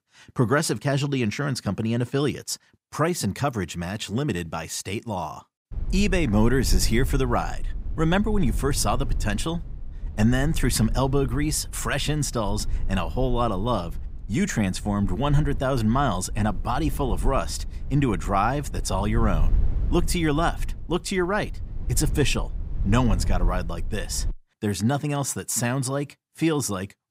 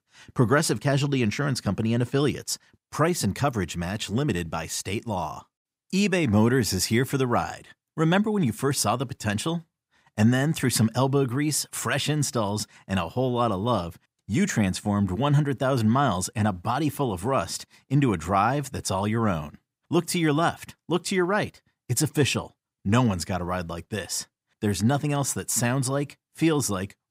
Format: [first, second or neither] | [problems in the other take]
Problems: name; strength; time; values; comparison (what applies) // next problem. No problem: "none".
second | low rumble; faint; from 5.5 to 24 s; 20 dB below the speech